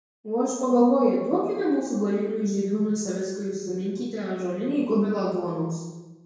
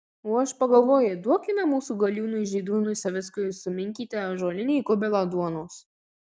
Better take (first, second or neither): second